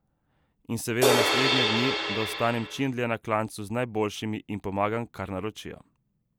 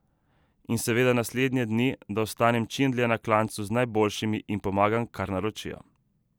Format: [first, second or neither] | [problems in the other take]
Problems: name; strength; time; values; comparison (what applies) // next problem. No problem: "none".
second | background sound (Crash cymbal); 4 dB above the speech